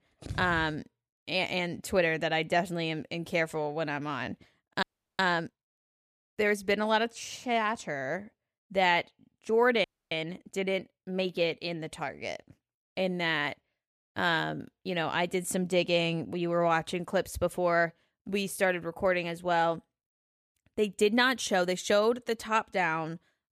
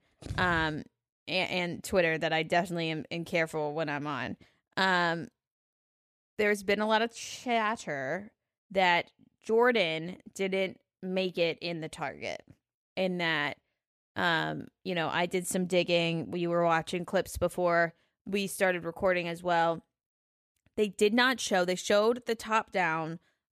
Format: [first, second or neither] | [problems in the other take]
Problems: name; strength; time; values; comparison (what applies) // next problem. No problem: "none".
second | audio freezing; at 5 s and at 10 s